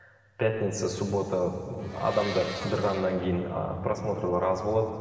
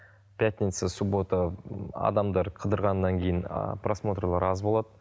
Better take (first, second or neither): second